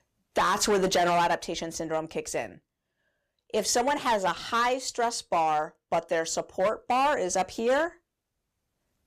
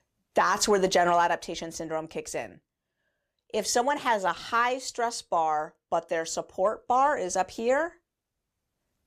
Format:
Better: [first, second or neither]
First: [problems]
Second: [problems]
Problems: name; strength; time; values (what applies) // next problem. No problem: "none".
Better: second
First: distortion; slight; 7% of the sound clipped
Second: none